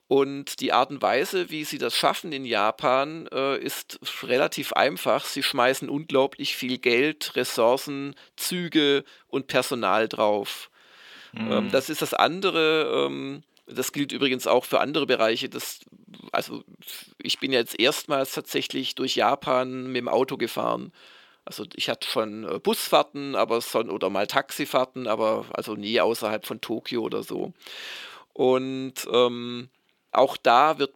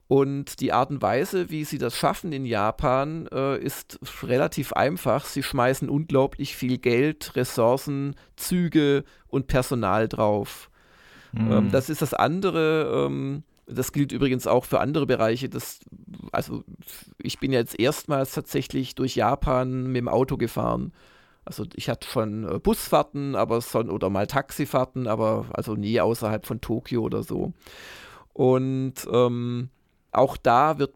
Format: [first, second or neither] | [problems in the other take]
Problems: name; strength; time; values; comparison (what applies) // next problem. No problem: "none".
second | thin; very slightly; fading below 300 Hz